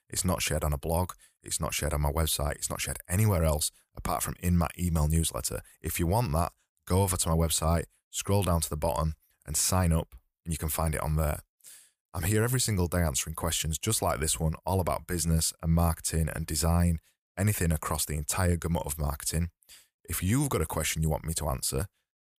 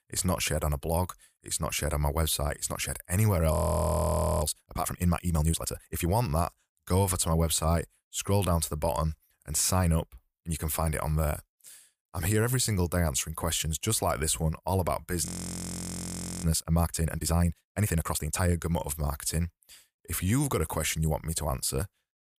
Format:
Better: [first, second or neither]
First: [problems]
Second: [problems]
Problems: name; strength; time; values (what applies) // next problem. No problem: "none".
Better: first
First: none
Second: audio freezing; at 3.5 s for 1 s and at 15 s for 1 s